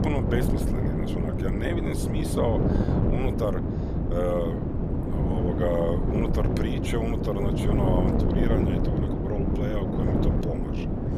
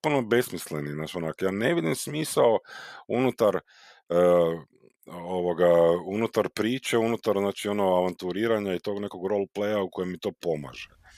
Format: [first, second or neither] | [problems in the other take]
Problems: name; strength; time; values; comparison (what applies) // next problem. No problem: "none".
second | wind noise on the microphone; heavy; as loud as the speech